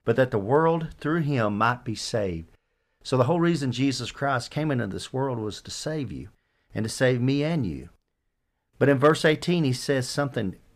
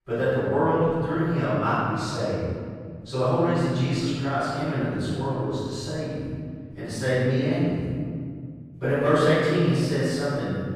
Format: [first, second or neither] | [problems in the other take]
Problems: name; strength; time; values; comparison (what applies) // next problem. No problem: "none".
first | room echo; strong; dies away in 2 s // off-mic speech; far